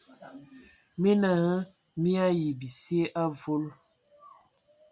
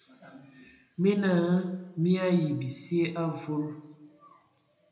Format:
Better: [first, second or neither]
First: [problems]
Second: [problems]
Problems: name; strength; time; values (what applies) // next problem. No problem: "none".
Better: first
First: none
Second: room echo; dies away in 0.8 s